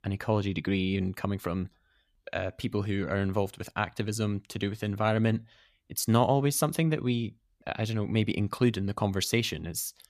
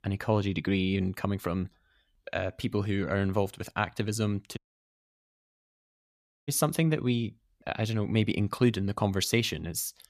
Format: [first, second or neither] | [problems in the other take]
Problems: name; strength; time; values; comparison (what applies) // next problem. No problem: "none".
first | audio cutting out; at 4.5 s for 2 s